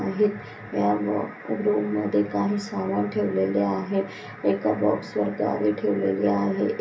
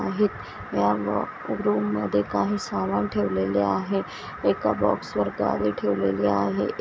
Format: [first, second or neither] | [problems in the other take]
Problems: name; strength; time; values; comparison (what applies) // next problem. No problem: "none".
second | room echo; dies away in 0.3 s